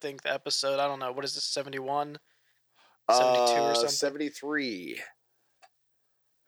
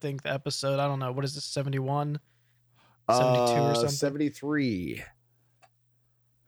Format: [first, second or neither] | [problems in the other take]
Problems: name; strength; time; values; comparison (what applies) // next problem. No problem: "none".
second | thin; somewhat; fading below 400 Hz